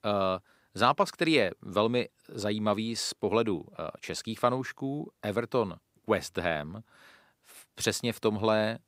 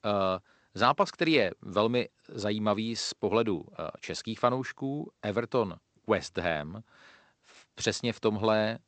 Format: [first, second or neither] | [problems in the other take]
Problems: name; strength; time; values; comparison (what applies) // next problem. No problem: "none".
first | garbled, watery; slightly; nothing above 8 kHz